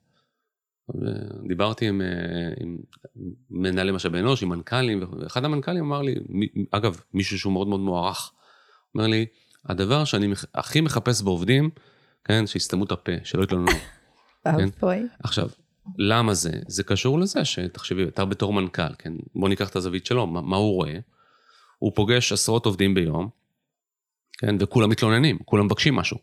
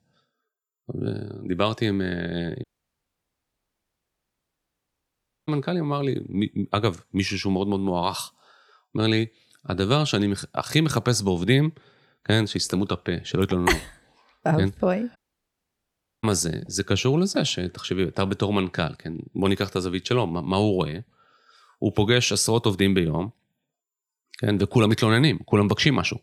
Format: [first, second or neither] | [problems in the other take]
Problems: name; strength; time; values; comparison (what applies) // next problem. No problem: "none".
first | audio cutting out; at 2.5 s for 3 s and at 15 s for 1 s